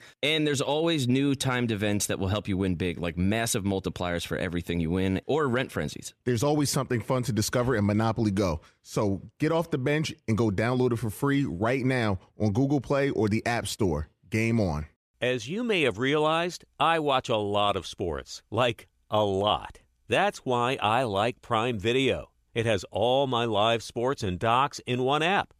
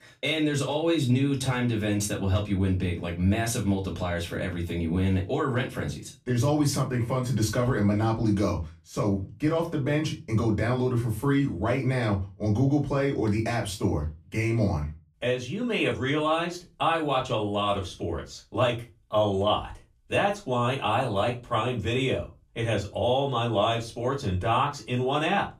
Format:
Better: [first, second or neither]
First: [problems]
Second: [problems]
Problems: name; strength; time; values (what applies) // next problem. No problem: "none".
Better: first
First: none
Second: off-mic speech; far // room echo; very slight; dies away in 0.2 s